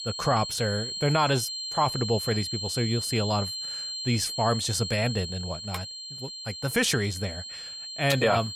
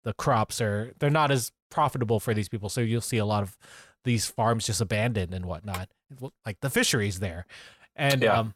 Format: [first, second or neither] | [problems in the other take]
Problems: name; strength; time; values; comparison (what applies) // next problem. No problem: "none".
second | high-pitched whine; loud; throughout; 4 kHz, 5 dB below the speech